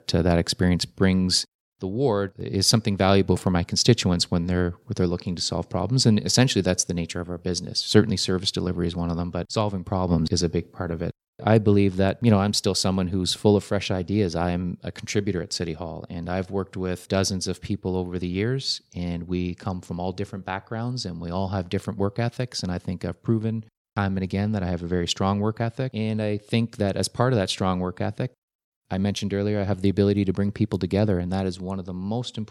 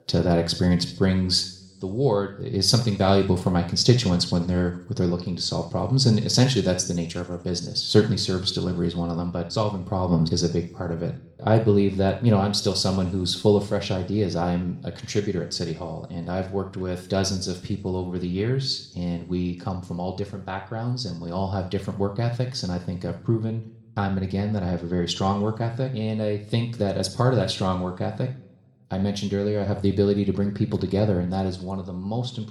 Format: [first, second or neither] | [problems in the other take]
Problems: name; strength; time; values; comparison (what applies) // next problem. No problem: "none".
first | room echo; slight; dies away in 0.5 s